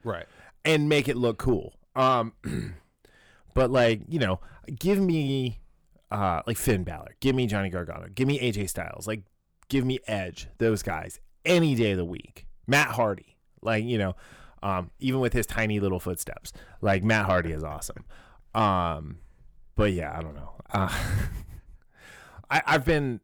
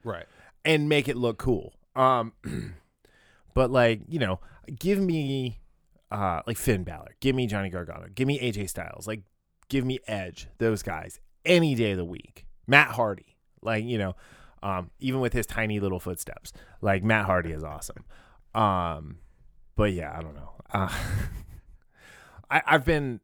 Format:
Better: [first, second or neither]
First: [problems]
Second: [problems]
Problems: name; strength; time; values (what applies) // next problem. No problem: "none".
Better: second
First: distortion; slight; 10 dB below the speech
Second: none